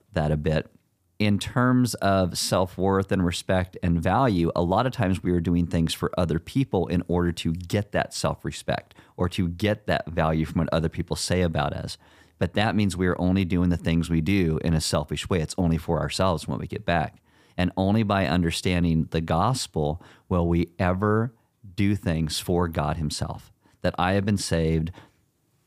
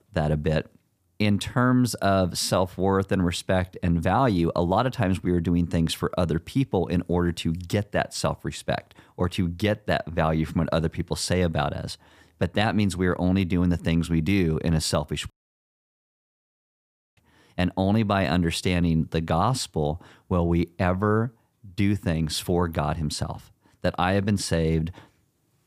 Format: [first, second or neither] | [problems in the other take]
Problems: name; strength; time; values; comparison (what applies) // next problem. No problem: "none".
first | audio cutting out; at 15 s for 2 s